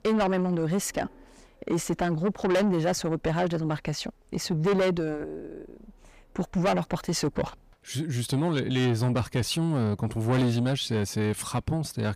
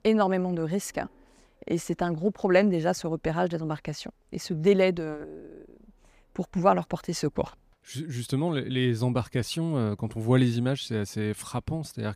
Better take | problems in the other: second | distortion; heavy; 7 dB below the speech

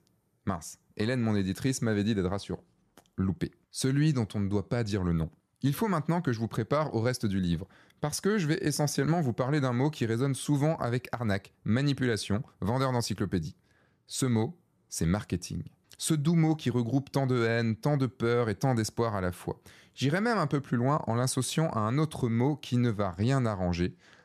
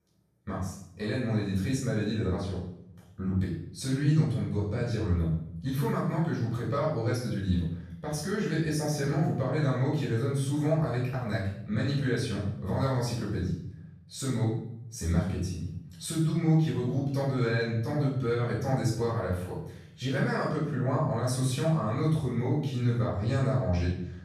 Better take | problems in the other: first | room echo; noticeable; dies away in 0.7 s // off-mic speech; far

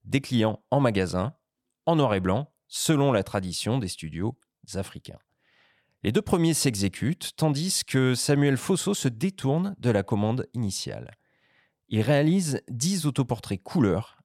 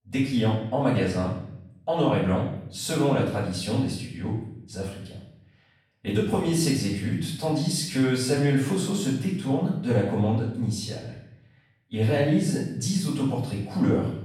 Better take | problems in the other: first | off-mic speech; far // room echo; noticeable; dies away in 0.7 s

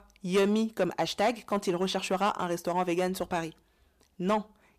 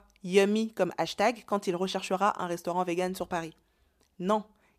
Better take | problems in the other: second | distortion; slight; 10 dB below the speech

